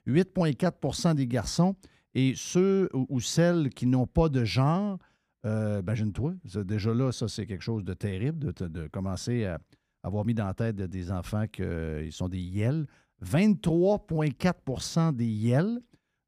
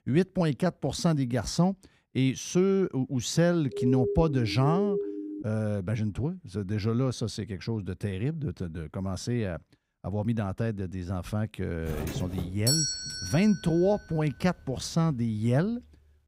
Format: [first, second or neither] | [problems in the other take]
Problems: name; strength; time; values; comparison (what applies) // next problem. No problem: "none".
first | siren; noticeable; from 3.5 to 5.5 s; peak 1 dB below the speech // doorbell; loud; from 12 to 13 s; peak 3 dB above the speech